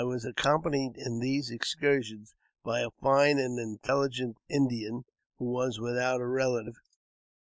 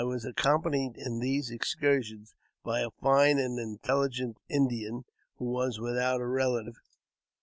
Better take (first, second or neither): second